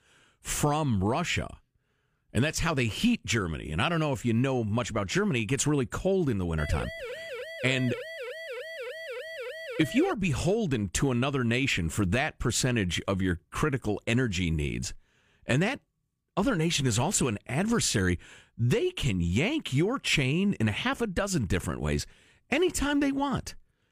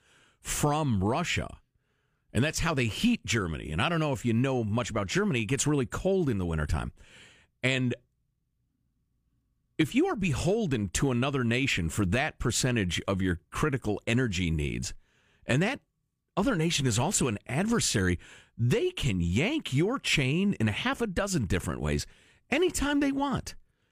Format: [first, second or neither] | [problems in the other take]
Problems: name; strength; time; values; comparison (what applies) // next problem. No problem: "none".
second | siren; noticeable; from 6.5 to 10 s; peak 9 dB below the speech